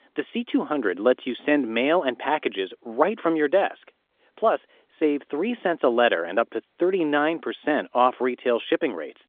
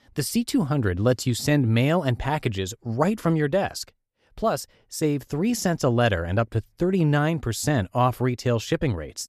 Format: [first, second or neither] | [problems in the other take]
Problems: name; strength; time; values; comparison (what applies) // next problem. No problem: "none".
second | phone-call audio; nothing above 3.5 kHz